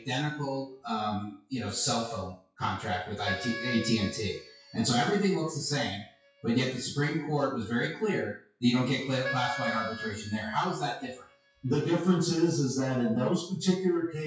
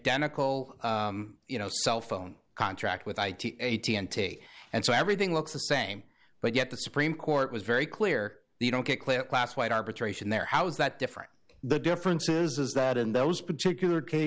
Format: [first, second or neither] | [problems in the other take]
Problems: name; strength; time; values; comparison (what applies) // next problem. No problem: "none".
second | noise reduction (classical method WPE with log-MMSE)